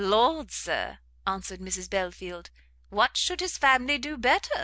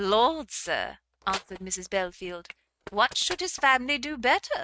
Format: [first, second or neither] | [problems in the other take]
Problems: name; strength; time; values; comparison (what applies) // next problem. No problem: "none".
first | noise reduction (neural mask model RNNoise)